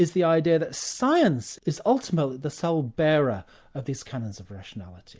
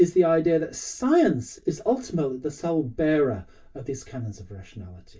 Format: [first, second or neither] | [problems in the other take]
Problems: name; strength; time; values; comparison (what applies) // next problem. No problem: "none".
first | room echo; dies away in 0.2 s